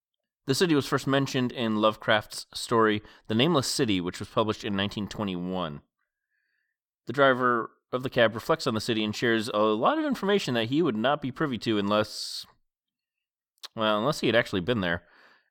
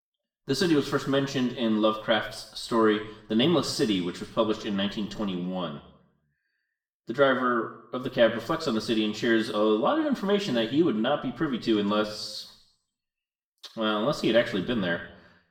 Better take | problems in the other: first | room echo; slight; dies away in 0.6 s // off-mic speech; far

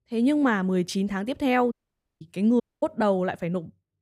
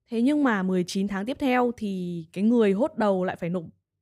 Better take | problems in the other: second | audio cutting out; at 1.5 s and at 2.5 s

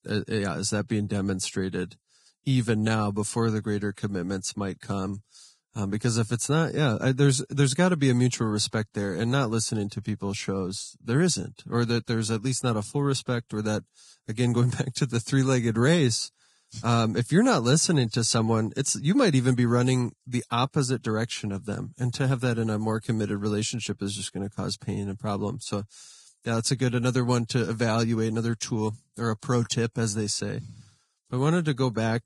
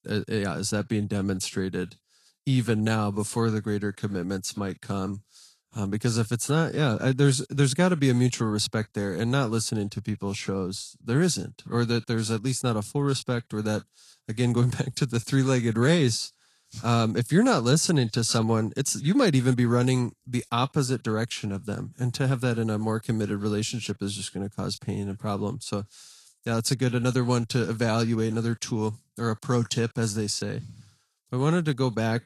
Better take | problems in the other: second | garbled, watery; badly; nothing above 10.5 kHz; slightly in the second

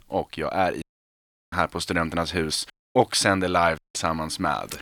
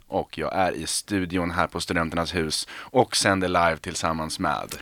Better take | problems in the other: second | audio cutting out; at 1 s for 0.5 s, at 2.5 s and at 4 s

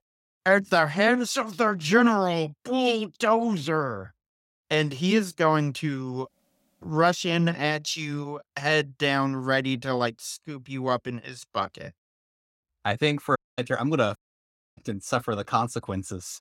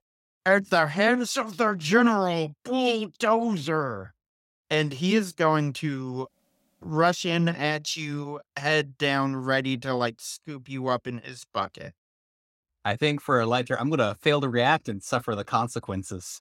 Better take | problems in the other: second | audio cutting out; at 13 s and at 14 s for 0.5 s

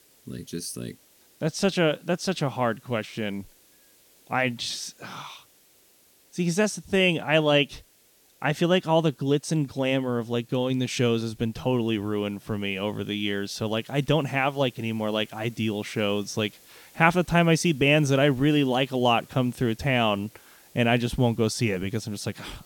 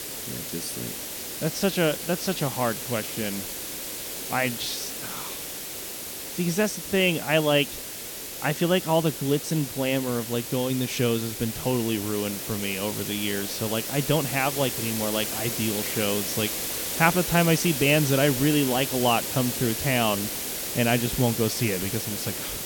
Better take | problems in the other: first | hiss; loud; throughout; 4 dB below the speech; faint in the first

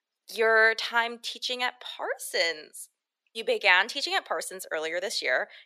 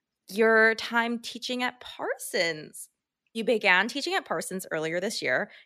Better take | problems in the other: second | thin; somewhat; fading below 550 Hz

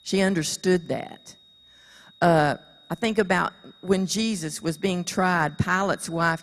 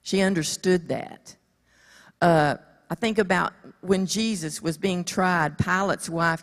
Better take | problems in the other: second | high-pitched whine; faint; throughout; 4 kHz, 30 dB below the speech

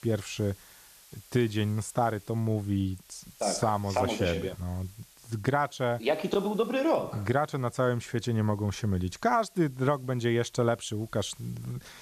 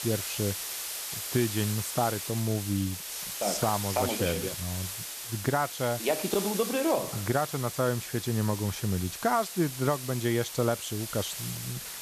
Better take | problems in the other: first | hiss; loud; throughout; 5 dB below the speech; faint in the first

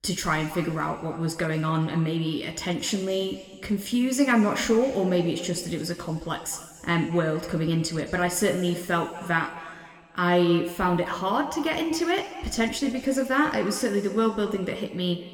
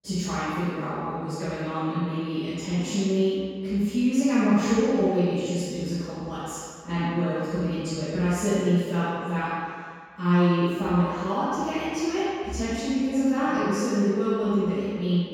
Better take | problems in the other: first | room echo; strong; dies away in 1.8 s; slight in the first // off-mic speech; far

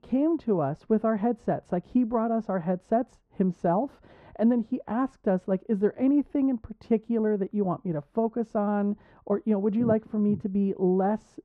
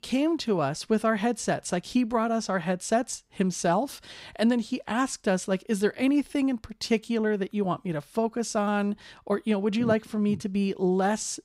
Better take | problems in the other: second | muffled; very; fading above 2.5 kHz

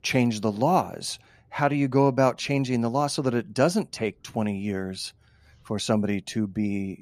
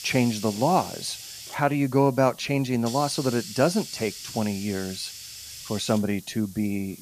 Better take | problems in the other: first | hiss; noticeable; throughout; 10 dB below the speech

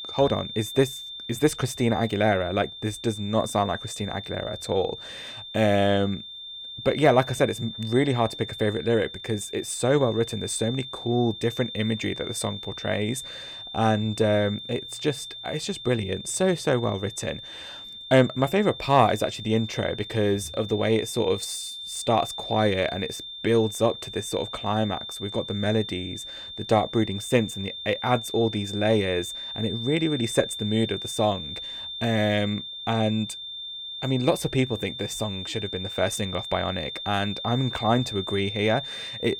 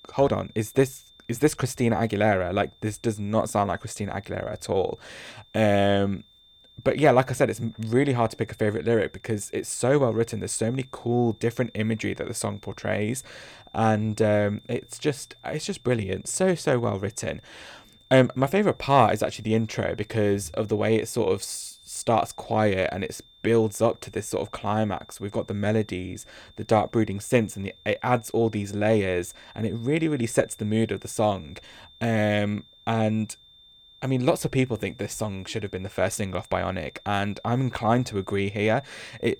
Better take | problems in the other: second | high-pitched whine; loud; throughout; 3.5 kHz, 9 dB below the speech; faint in the second

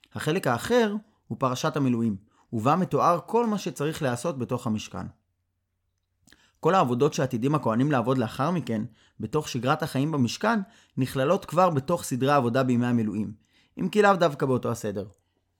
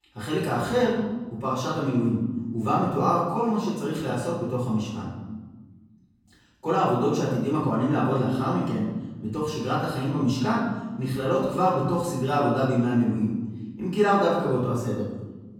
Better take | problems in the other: first | off-mic speech; far // room echo; noticeable; dies away in 1.4 s

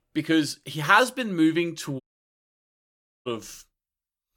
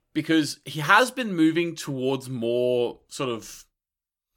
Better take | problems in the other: second | audio cutting out; at 2 s for 1.5 s

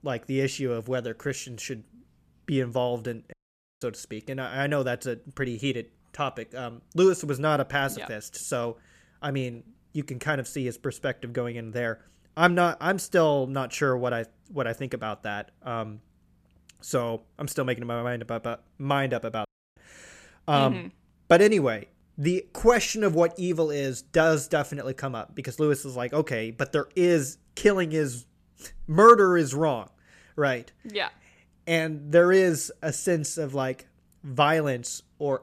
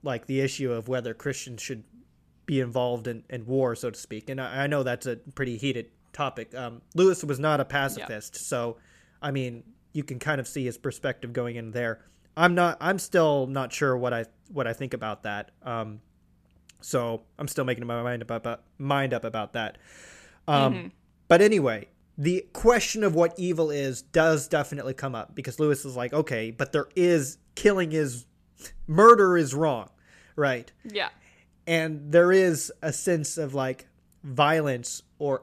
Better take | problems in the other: second | audio cutting out; at 3.5 s and at 19 s

